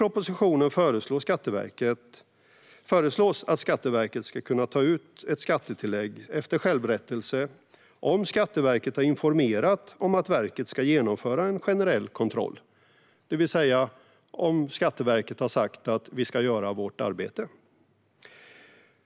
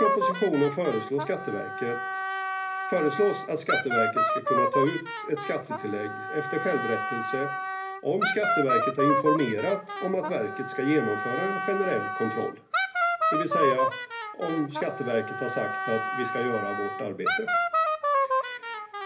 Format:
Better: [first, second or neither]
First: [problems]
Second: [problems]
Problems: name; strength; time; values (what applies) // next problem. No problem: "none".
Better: first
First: none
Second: background sound (Wind instrument, woodwind instrument); as loud as the speech // room echo; dies away in 0.3 s